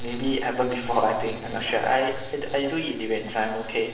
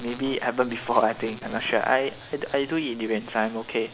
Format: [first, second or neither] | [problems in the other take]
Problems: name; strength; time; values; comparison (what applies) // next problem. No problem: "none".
second | room echo; dies away in 0.9 s